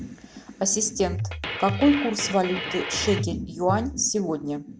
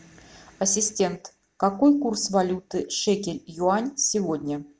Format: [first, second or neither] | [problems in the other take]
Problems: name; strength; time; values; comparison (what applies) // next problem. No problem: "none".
second | background sound (Drum kit); 7 dB below the speech